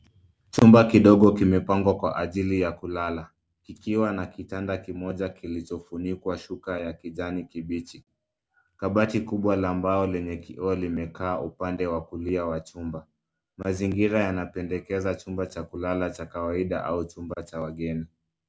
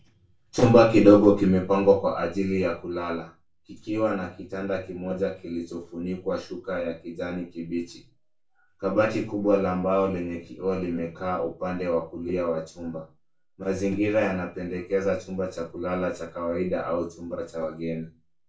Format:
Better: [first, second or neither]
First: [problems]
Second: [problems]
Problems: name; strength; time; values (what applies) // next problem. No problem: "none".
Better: first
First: none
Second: room echo; dies away in 0.2 s